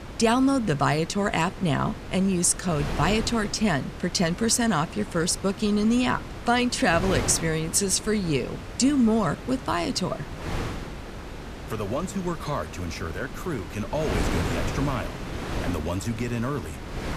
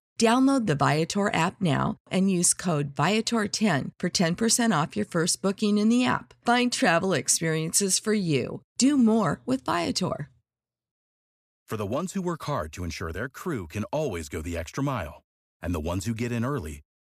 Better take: second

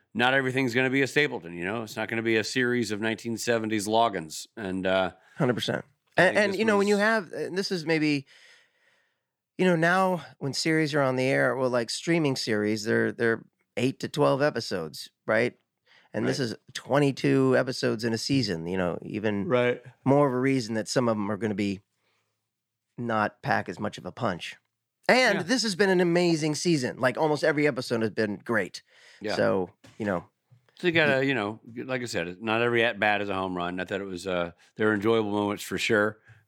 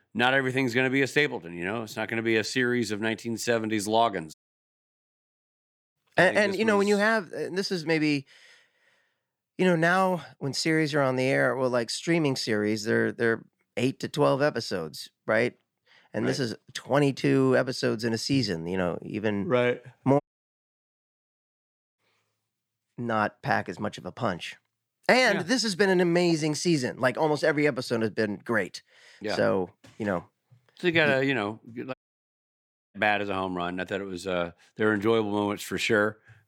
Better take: first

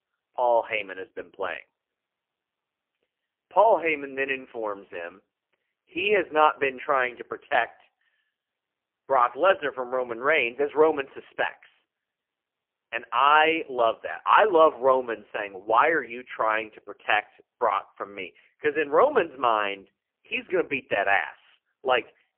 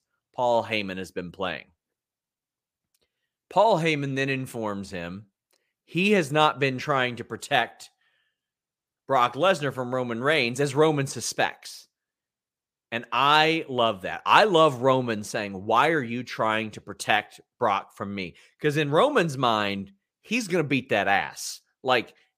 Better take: second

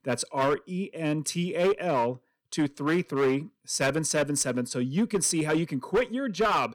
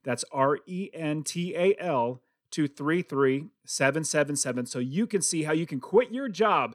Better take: second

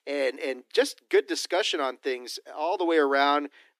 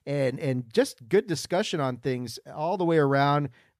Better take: second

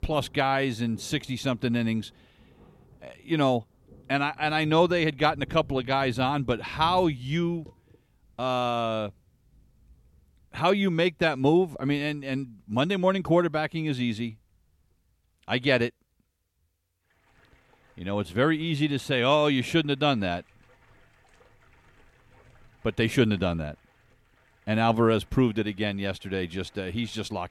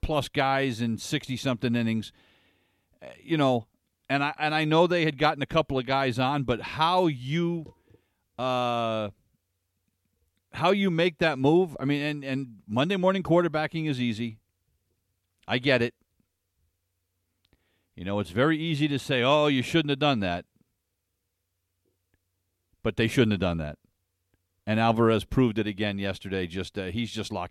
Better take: second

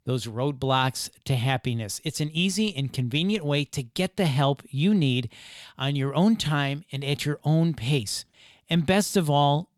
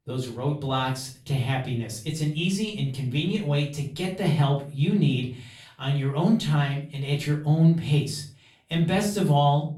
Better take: first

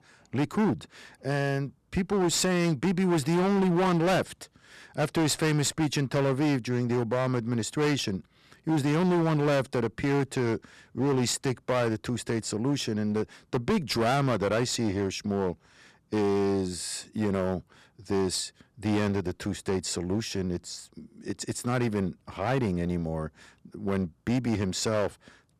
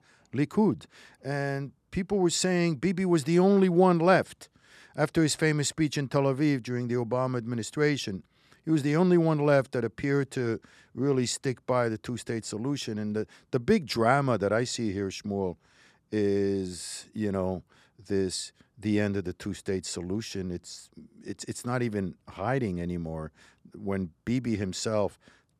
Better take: second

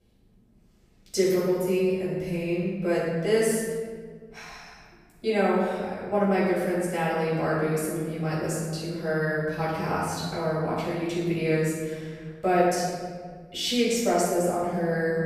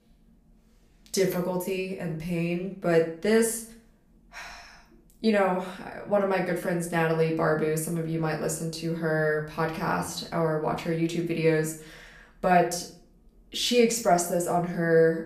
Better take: second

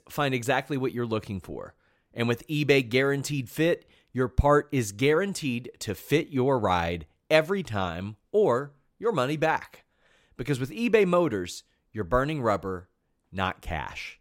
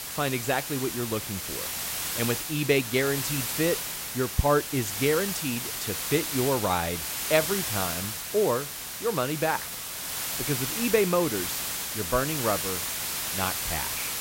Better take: first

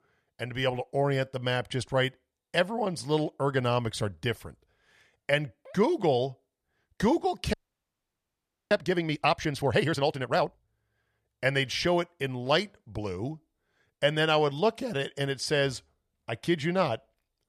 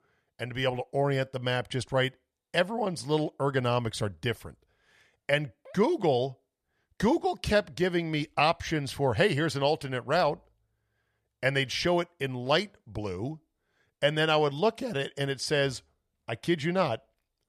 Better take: second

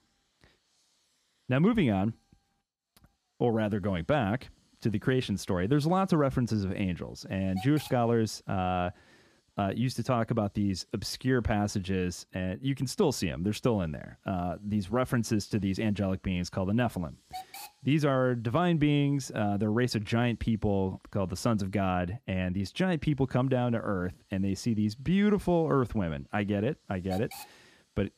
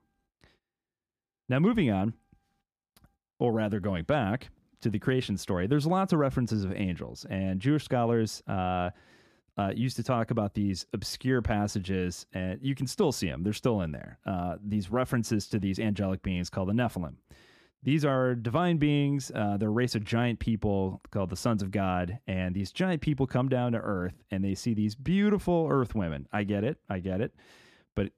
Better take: second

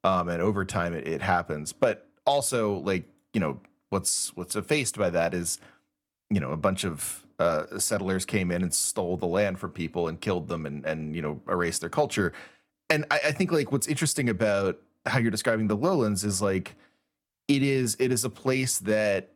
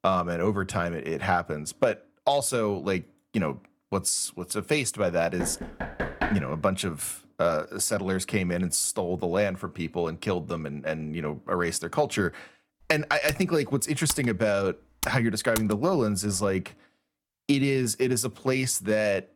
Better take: first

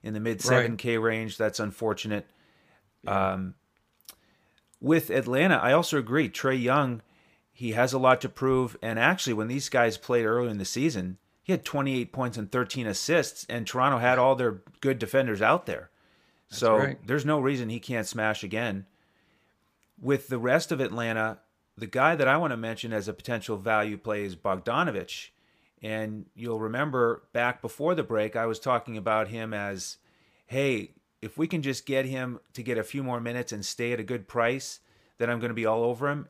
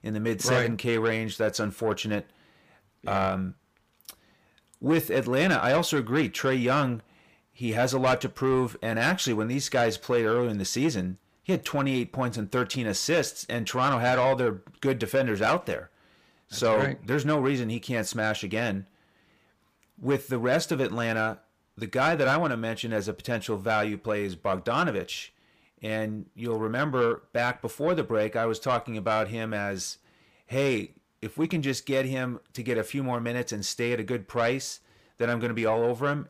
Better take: first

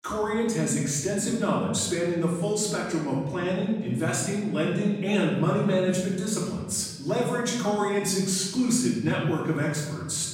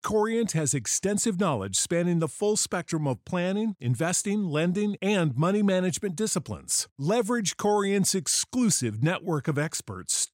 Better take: second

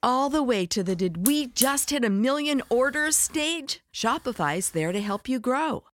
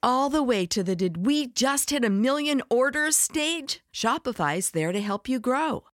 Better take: second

